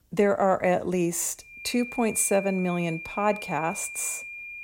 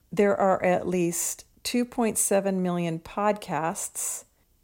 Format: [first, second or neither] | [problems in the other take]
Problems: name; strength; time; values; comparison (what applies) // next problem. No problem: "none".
second | high-pitched whine; noticeable; from 1.5 s on; 2.5 kHz, 10 dB below the speech